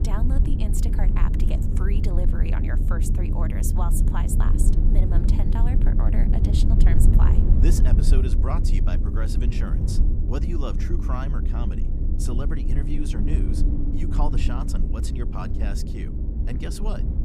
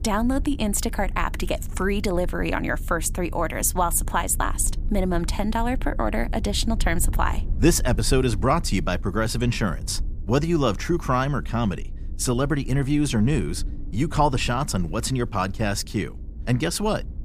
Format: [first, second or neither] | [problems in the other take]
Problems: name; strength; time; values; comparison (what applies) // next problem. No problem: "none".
second | low rumble; loud; throughout; 1 dB below the speech; faint in the second